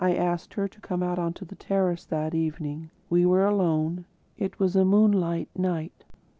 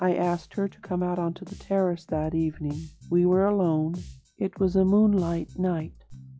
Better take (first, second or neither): first